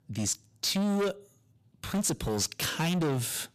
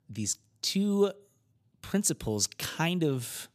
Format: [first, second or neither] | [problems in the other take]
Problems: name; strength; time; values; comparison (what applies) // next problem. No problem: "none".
second | distortion; heavy; 20% of the sound clipped